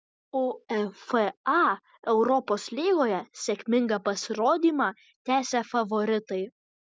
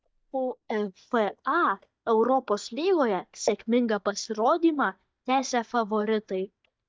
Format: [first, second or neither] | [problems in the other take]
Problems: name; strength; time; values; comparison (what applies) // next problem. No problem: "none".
first | noise reduction (neural mask model DeepFilterNet 3)